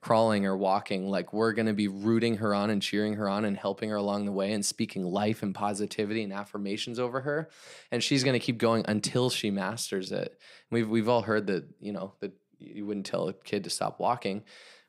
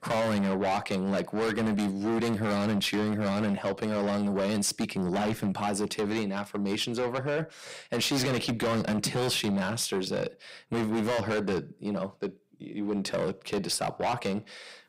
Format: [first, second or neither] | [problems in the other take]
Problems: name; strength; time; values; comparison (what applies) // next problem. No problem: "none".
first | distortion; heavy; 6 dB below the speech